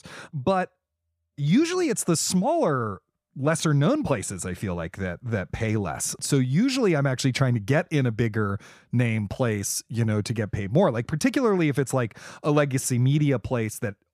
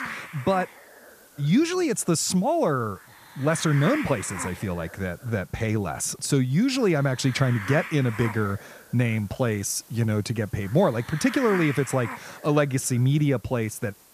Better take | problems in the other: first | hiss; noticeable; throughout; 10 dB below the speech

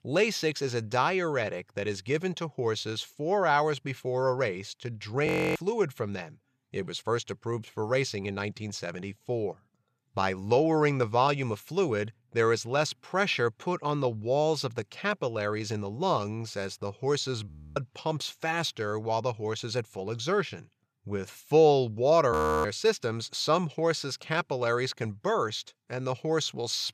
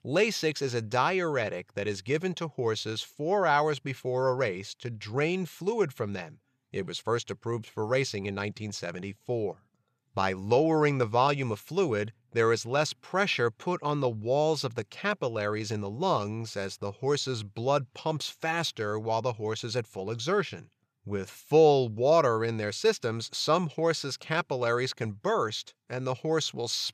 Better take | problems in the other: second | audio freezing; at 5.5 s, at 17 s and at 22 s

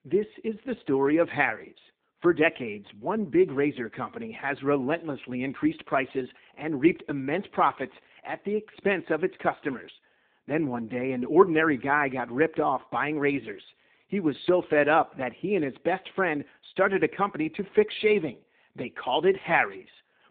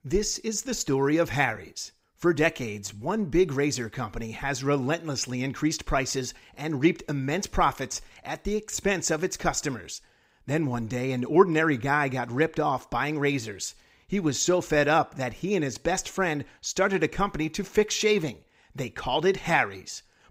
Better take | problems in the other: second | phone-call audio; nothing above 3.5 kHz

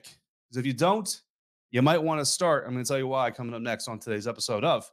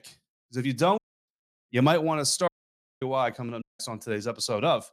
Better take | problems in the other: first | audio cutting out; at 1 s, at 2.5 s for 0.5 s and at 3.5 s

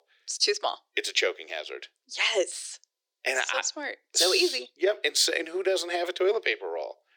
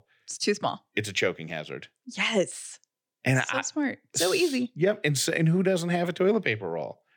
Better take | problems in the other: second | thin; very; fading below 350 Hz

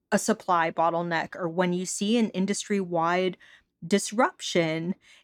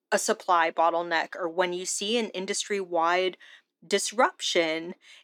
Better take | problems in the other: first | thin; somewhat; fading below 300 Hz

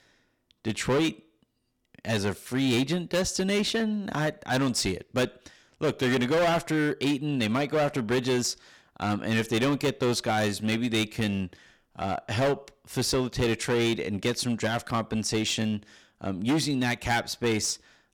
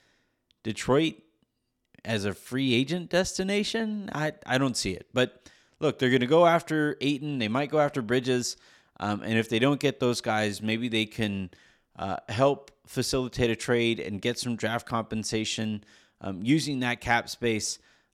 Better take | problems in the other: second | distortion; heavy; 11% of the sound clipped

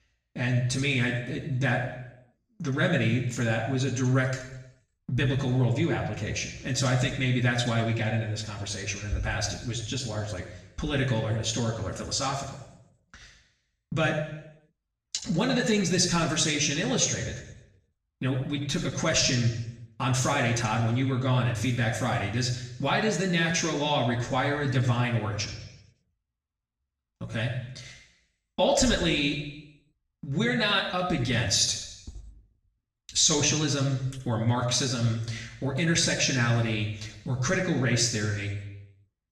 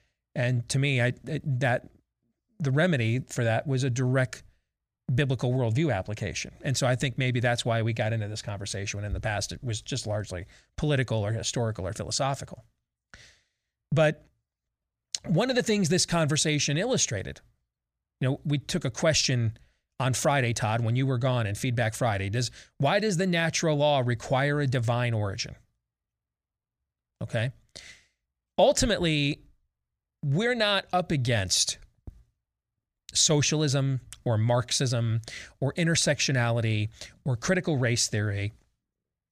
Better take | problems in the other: second | room echo; noticeable; dies away in 0.9 s // off-mic speech; far

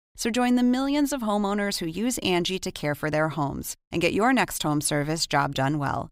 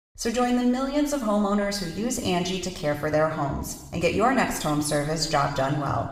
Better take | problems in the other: first | room echo; slight; dies away in 0.9 s // off-mic speech; somewhat distant

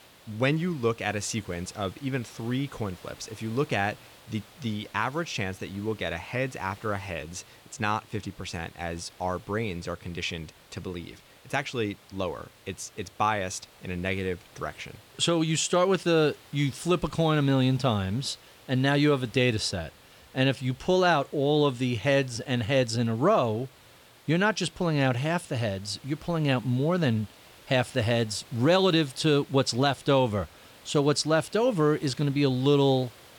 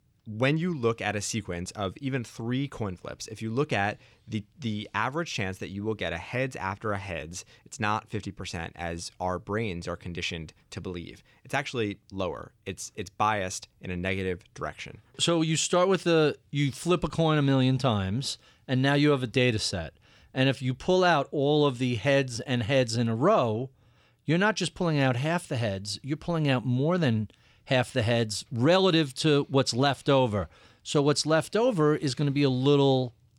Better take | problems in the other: second | hiss; faint; throughout; 25 dB below the speech

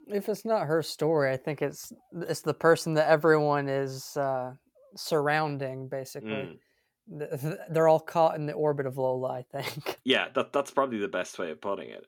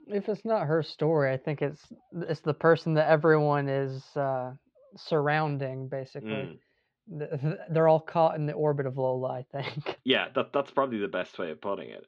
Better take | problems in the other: first | muffled; very slightly; fading above 4 kHz

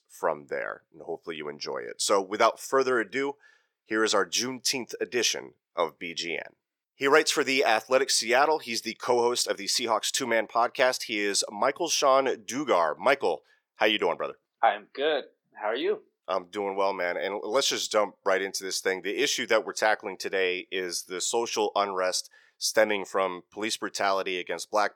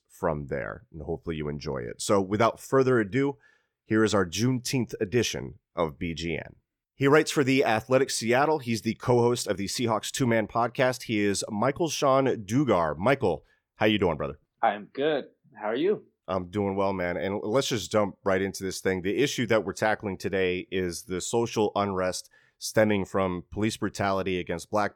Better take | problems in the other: second | thin; somewhat; fading below 500 Hz

